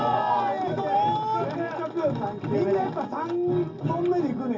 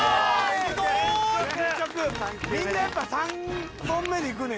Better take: second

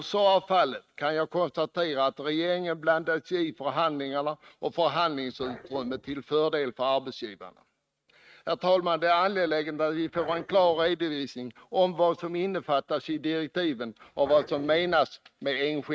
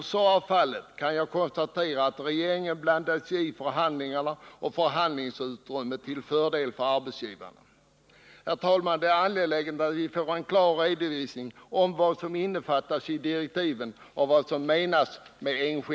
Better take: second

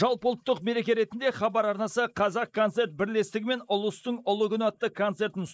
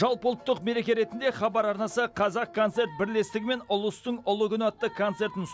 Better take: second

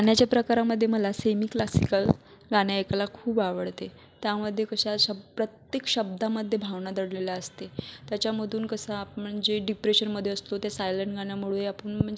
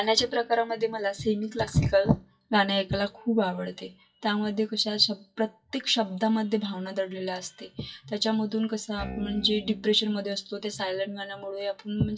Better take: first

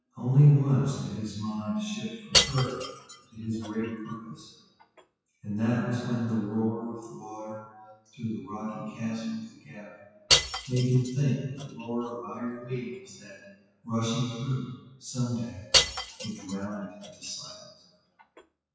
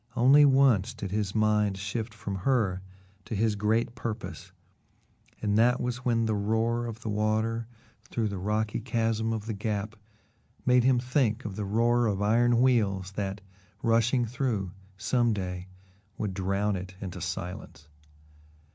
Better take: second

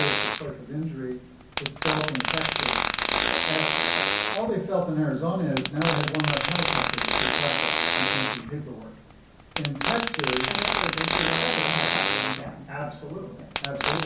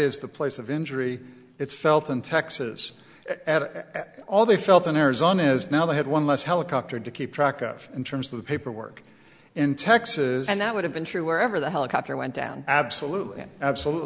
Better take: second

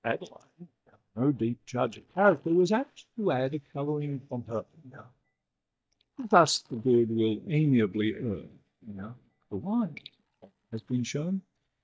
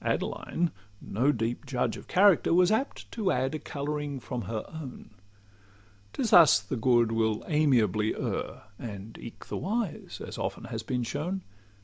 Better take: second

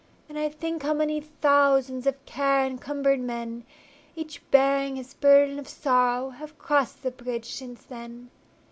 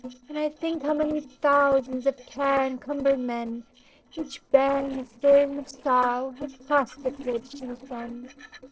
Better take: first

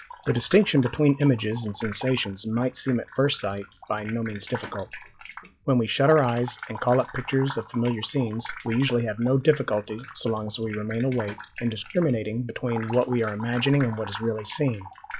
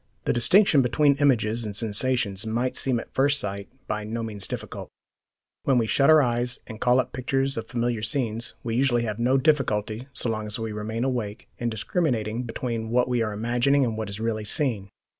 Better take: second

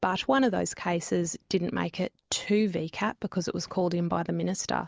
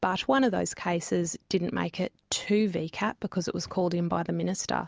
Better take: second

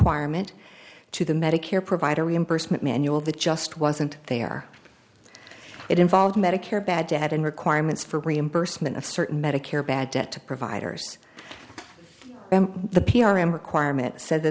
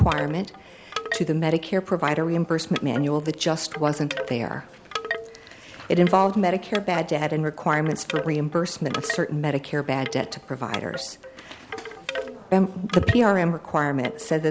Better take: first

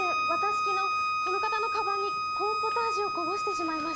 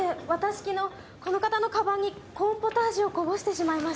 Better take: second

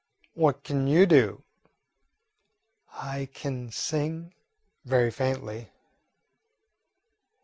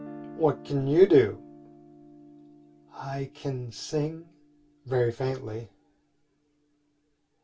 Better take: first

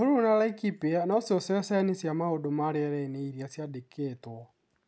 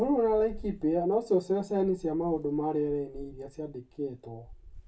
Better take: first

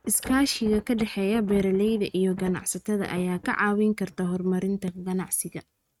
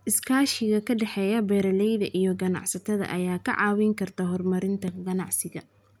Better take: second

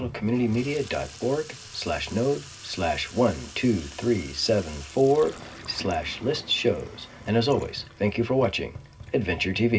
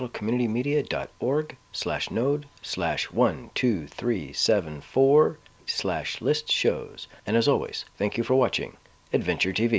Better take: second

